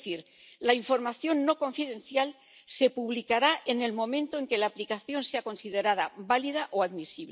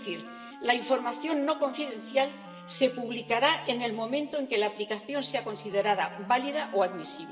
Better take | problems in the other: first | background sound (Wind instrument, woodwind instrument); 16 dB below the speech // room echo; dies away in 2.5 s

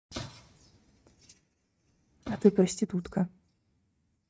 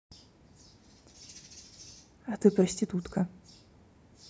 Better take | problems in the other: second | noise reduction (neural mask model RNNoise)

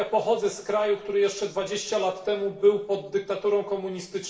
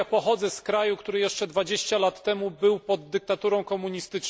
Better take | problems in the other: second | room echo; dies away in 0.6 s

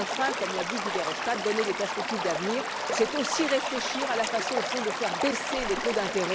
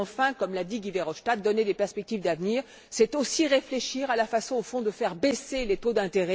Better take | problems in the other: second | background sound (Stream / Liquid); 1 dB below the speech

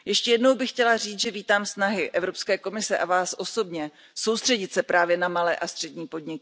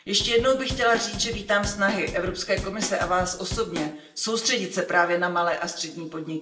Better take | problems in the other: first | background sound (Drum / Drum kit); 10 dB below the speech // room echo; dies away in 0.8 s

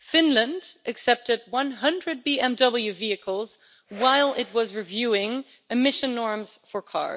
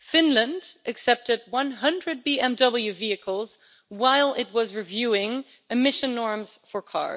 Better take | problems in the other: second | background sound (Whoosh, swoosh, swish); 18 dB below the speech

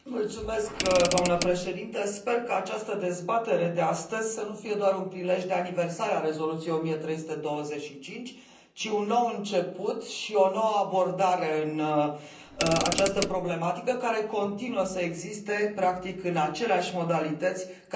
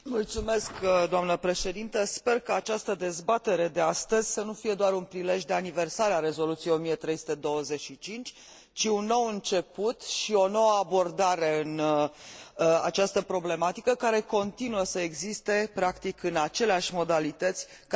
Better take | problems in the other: second | background sound (Mechanisms / Car); 4 dB below the speech // room echo; dies away in 0.6 s

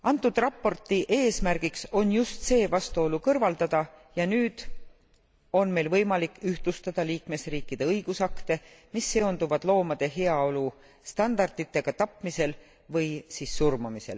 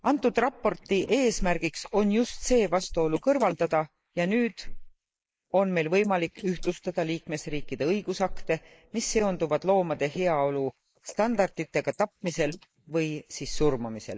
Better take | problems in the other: first | noise reduction (neural mask model Resemble Enhance denoiser)

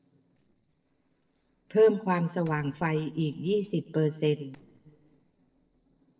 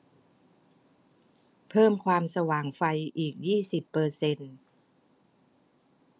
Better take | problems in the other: second | noise reduction (neural separator model SepFormer DNS4)

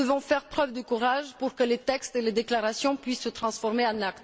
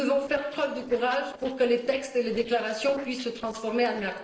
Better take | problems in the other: first | noise reduction (neural separator model SepFormer DNS4)

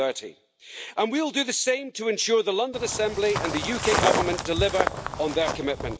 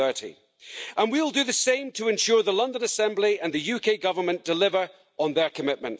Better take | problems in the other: second | background sound (Walk, footsteps); 2 dB below the speech

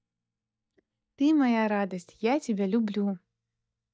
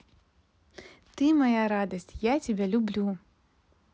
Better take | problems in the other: second | noise reduction (neural mask model DeepFilterNet 3)

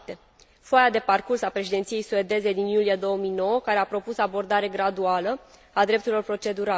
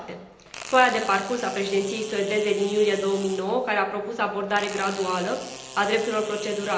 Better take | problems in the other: first | background sound (Fart); 15 dB below the speech // room echo; dies away in 0.9 s

